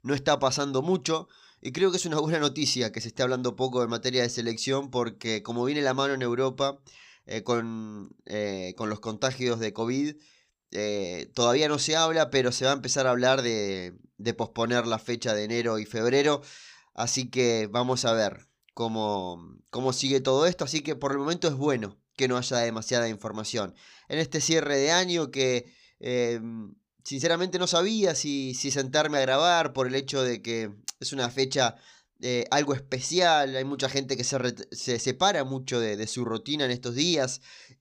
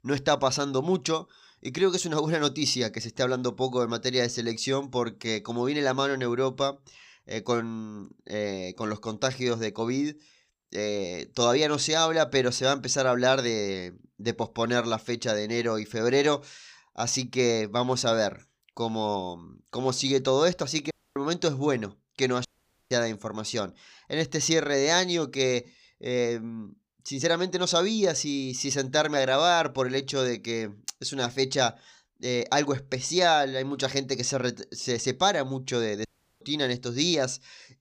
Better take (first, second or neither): first